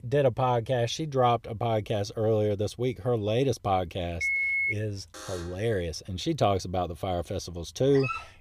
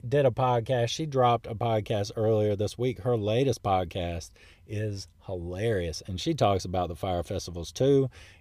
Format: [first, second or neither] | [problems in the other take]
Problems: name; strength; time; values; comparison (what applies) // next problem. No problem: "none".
second | phone ringing; loud; at 4 s; peak 4 dB above the speech // alarm; faint; at 5 s; peak 15 dB below the speech // dog barking; noticeable; at 8 s; peak 6 dB below the speech